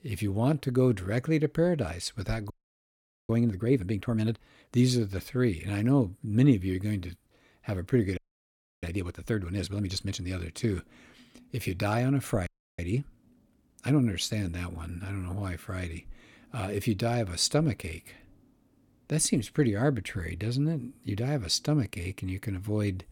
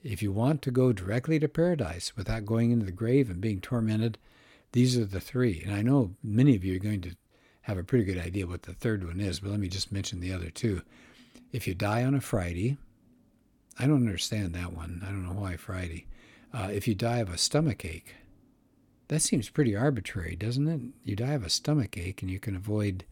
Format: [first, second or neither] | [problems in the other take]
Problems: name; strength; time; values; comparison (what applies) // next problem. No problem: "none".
second | audio freezing; at 2.5 s for 1 s, at 8 s for 0.5 s and at 12 s